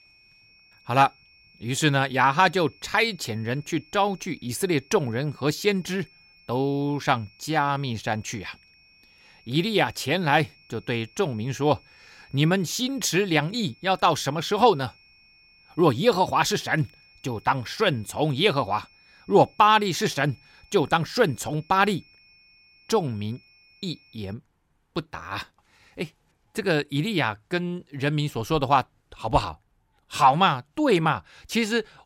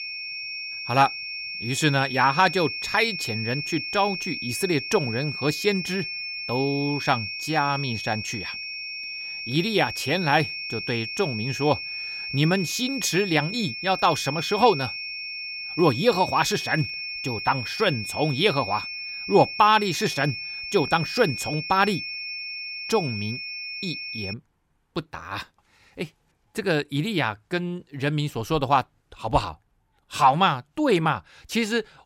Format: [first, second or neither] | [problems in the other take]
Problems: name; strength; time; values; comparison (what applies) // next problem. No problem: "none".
first | high-pitched whine; loud; until 24 s; 2.5 kHz, 6 dB below the speech; faint in the first